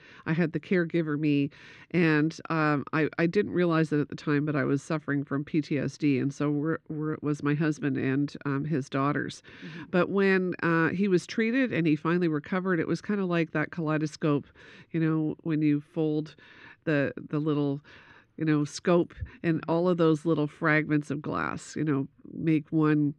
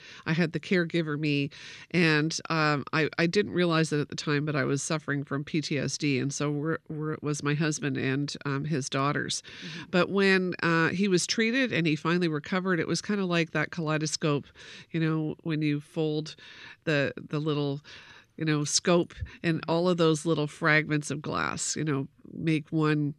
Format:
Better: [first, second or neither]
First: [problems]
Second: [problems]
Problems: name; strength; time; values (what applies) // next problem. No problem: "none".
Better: second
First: muffled; slightly; fading above 3 kHz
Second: none